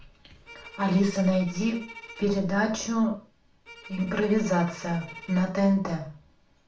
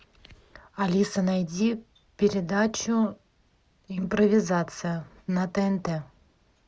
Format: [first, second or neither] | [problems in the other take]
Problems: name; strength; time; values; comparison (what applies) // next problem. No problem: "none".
second | background sound (Bowed string instrument); 20 dB below the speech // room echo; dies away in 0.3 s